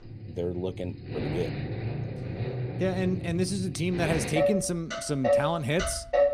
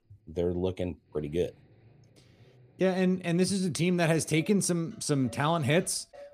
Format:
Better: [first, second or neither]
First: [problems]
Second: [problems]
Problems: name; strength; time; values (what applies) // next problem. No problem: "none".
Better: second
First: traffic noise; loud; throughout; 1 dB below the speech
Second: traffic noise; faint; throughout; 30 dB below the speech